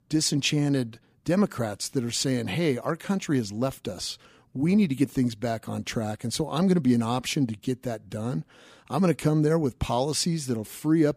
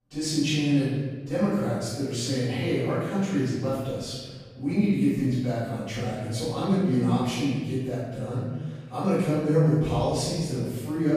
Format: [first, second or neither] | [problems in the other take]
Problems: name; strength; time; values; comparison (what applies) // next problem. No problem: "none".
first | off-mic speech; far // room echo; strong; dies away in 1.4 s